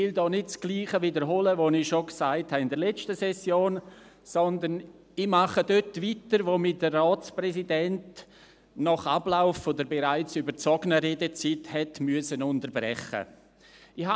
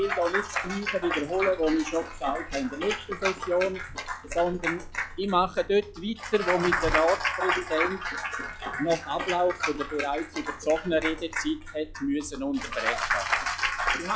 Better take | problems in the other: first | noise reduction (classical method log-MMSE)

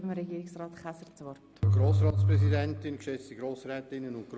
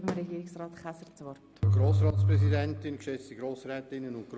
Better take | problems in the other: first | background sound (Fireworks); 19 dB below the speech

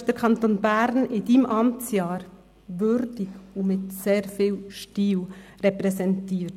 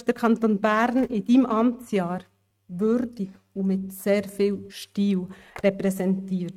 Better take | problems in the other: first | noise reduction (neural mask model RNNoise)

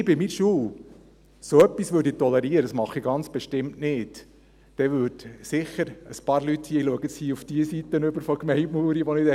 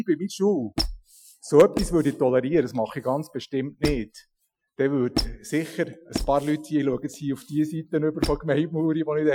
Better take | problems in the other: first | noise reduction (classical method Wiener filter)

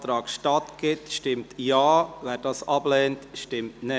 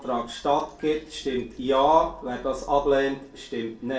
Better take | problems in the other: first | noise reduction (neural separator model SepFormer DNS4)

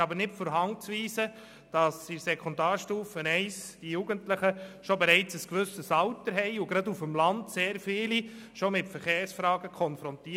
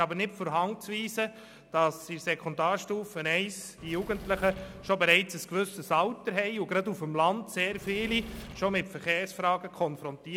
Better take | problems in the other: first | background sound (Engine / Mechanisms); 14 dB below the speech

